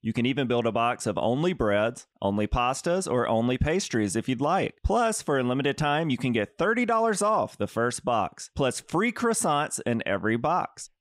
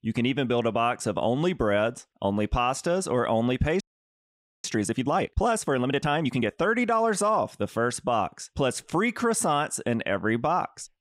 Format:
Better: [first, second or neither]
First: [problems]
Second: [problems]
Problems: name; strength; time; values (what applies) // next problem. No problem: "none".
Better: first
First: none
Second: audio freezing; at 4 s for 1 s